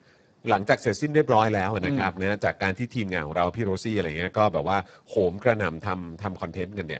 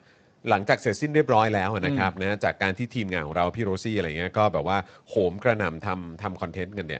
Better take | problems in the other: second | garbled, watery; badly; nothing above 7.5 kHz; slightly in the second

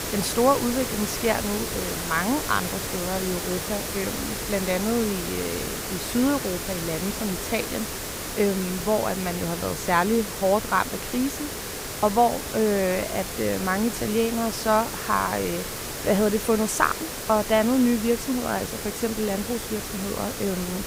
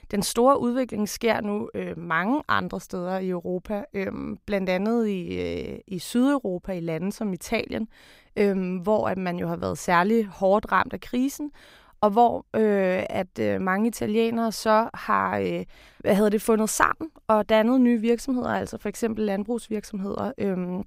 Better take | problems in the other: second | hiss; loud; throughout; 5 dB below the speech

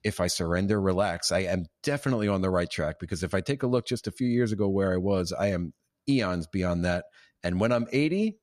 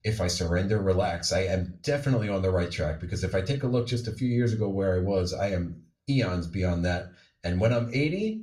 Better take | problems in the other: first | room echo; very slight; dies away in 0.3 s // off-mic speech; far

